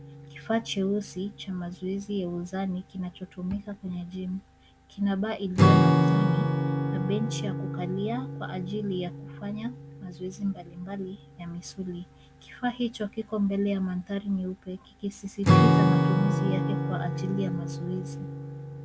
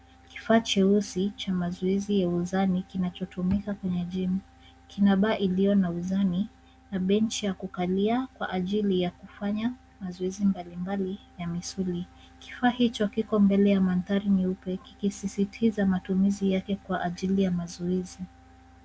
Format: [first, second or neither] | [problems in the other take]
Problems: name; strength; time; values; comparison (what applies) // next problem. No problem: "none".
second | background sound (Acoustic guitar / Strum); 3 dB above the speech